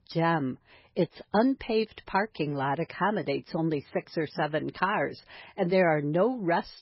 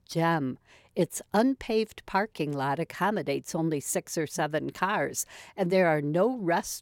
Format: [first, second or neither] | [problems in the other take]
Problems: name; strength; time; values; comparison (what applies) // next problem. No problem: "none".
second | garbled, watery; badly; nothing above 5.5 kHz